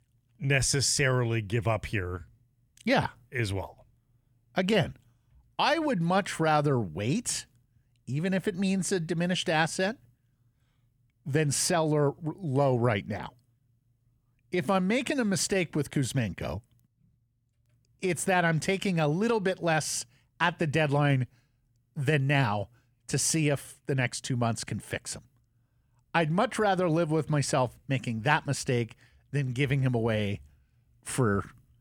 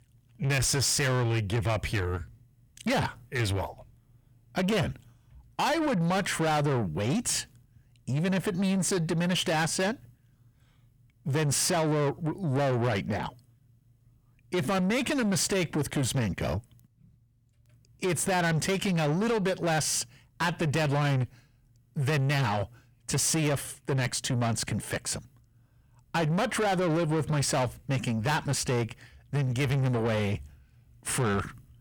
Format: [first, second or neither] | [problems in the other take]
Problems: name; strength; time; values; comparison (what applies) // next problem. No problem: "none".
first | distortion; heavy; 7 dB below the speech